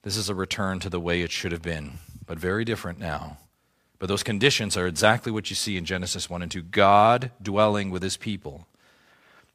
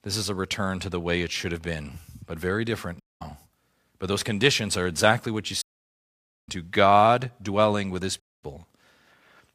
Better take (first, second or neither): first